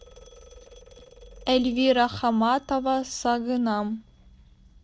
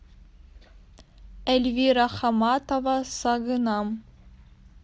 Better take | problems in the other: second | noise reduction (neural separator model SepFormer DNS4)

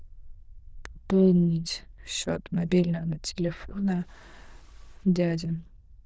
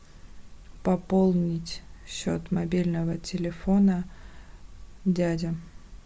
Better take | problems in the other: second | noise reduction (neural diffusion model UNIVERSE++)

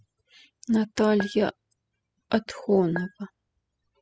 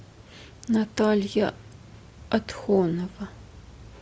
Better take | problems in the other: second | noise reduction (classical method spectral subtraction)

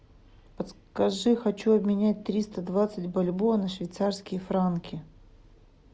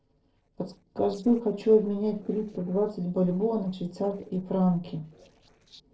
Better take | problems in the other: first | noise reduction (neural separator model SepFormer DNS4)

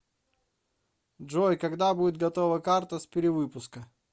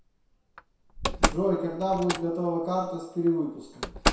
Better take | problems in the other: first | background sound (Slam); 3 dB below the speech // room echo; dies away in 0.7 s

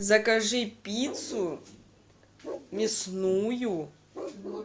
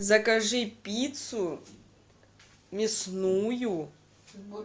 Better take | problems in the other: second | background sound (Bark); 14 dB below the speech

